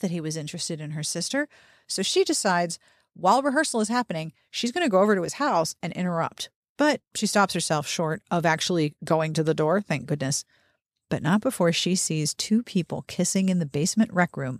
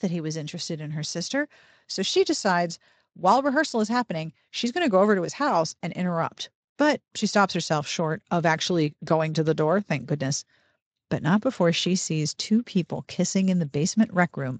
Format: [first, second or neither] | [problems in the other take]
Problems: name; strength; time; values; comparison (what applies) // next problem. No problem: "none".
first | garbled, watery; slightly; nothing above 7.5 kHz